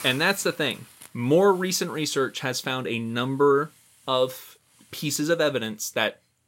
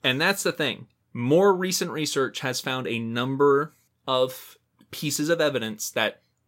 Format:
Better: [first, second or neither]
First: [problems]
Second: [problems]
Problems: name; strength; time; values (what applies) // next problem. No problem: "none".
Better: second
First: hiss; faint; throughout; 25 dB below the speech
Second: none